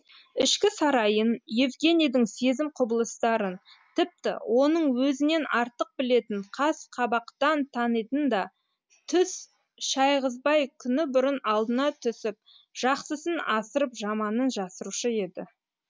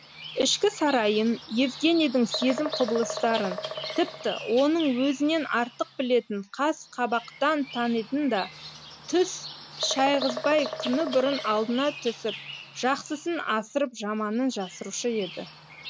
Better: first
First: none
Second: background sound (Bird vocalization, bird call, bird song); 11 dB below the speech

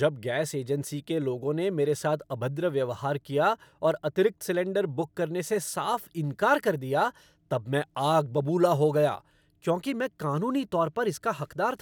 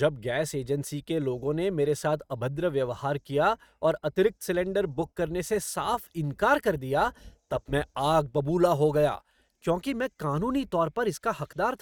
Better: first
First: none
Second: noise reduction (neural mask model RNNoise)

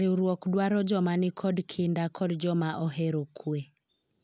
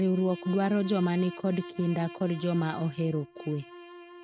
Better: first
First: none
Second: noise reduction (neural mask model RNNoise)

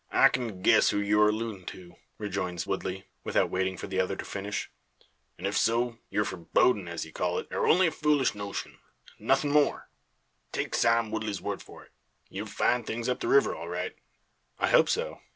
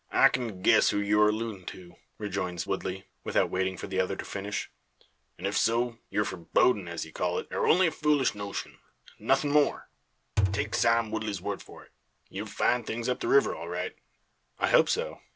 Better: first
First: none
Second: background sound (Thump, thud); 2 dB below the speech

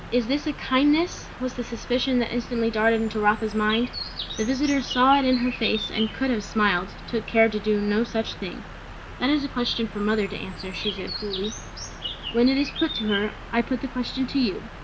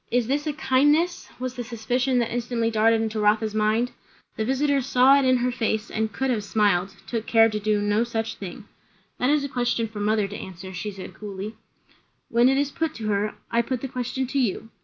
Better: second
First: background sound (Bird); 11 dB below the speech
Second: none

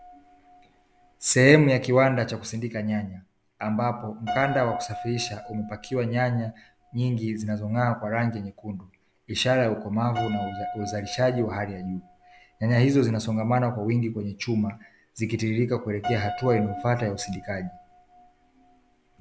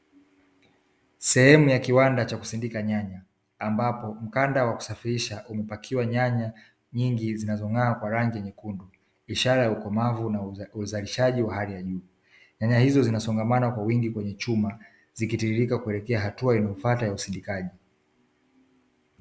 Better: second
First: background sound (Piano); 15 dB below the speech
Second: none

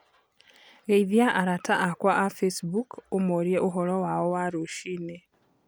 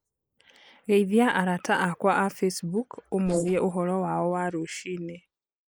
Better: first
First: none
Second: noise reduction (neural mask model Resemble Enhance denoiser)

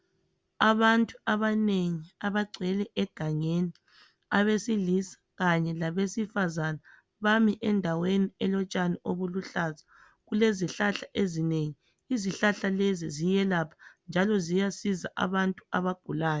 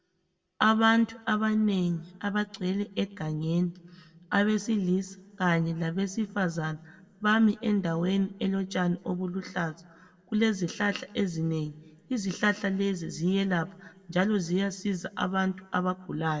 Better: first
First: none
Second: room echo; dies away in 1.3 s

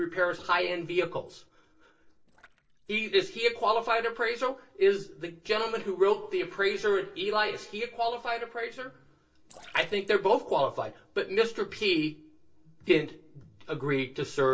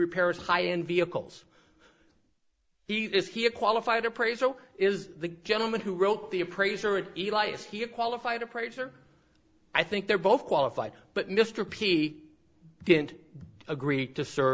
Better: second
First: noise reduction (neural separator model SepFormer DNS4)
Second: none

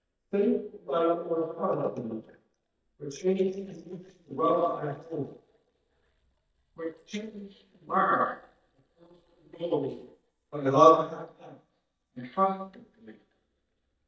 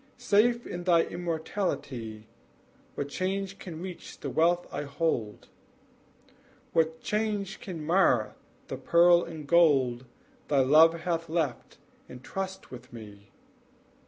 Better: second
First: noise reduction (neural mask model DeepFilterNet 3)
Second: none

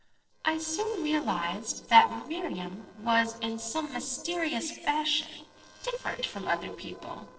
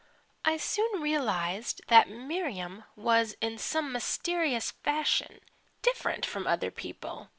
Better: second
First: noise reduction (neural separator model SepFormer DNS4)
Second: none

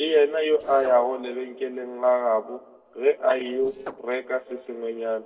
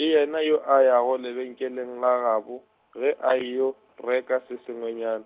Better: second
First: noise reduction (neural separator model SepFormer DNS4)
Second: none

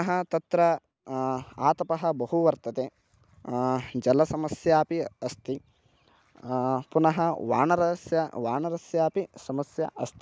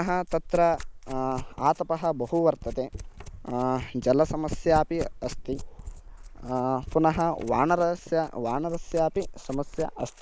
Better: first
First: none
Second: noise reduction (neural mask model Resemble Enhance denoiser)

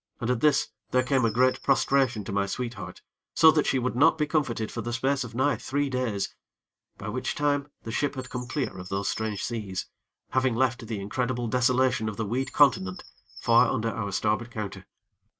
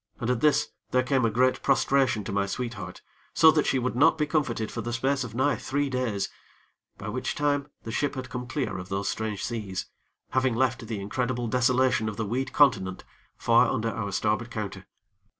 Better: second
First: noise reduction (neural mask model RNNoise)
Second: none

